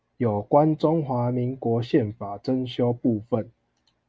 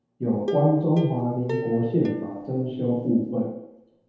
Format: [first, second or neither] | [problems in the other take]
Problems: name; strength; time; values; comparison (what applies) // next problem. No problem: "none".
first | background sound (Plucked string instrument); 10 dB below the speech // room echo; dies away in 0.9 s